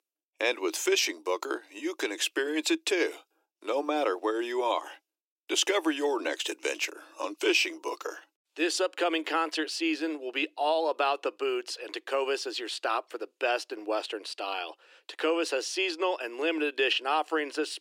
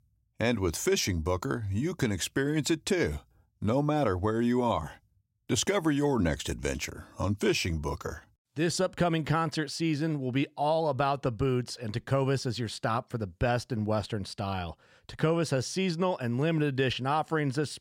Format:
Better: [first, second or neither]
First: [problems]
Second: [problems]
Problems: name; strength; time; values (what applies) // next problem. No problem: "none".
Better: second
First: thin; very; fading below 300 Hz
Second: none